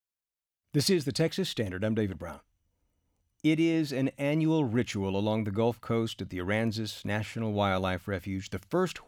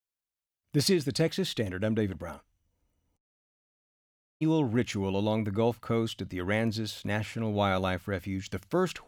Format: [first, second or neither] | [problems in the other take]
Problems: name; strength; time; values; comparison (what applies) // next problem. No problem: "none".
first | audio cutting out; at 3 s for 1 s